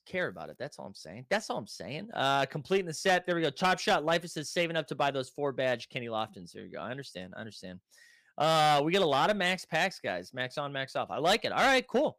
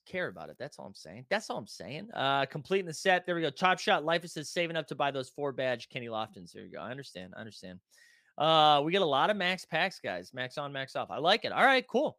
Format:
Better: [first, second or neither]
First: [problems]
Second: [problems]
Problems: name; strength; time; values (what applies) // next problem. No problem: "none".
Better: second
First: distortion; slight; 4% of the sound clipped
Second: none